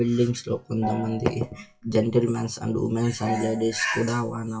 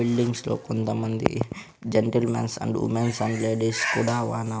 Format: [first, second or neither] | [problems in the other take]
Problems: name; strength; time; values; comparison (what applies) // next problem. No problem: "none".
second | noise reduction (classical method WPE with log-MMSE)